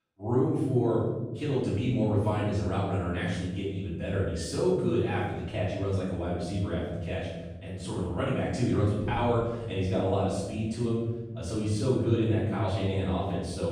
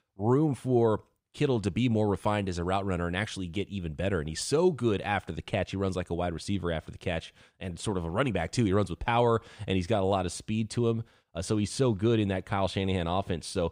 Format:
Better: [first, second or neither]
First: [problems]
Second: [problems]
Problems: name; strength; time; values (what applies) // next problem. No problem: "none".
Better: second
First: off-mic speech; far // room echo; strong; dies away in 1.6 s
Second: none